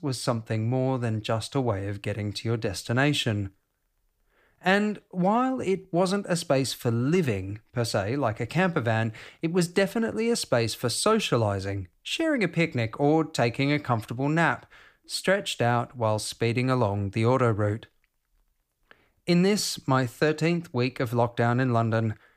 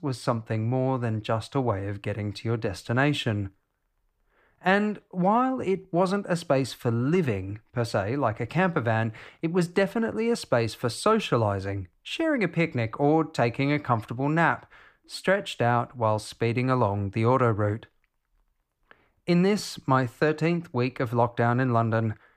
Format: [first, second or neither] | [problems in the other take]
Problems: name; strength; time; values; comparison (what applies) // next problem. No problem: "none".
first | muffled; very slightly; fading above 3.5 kHz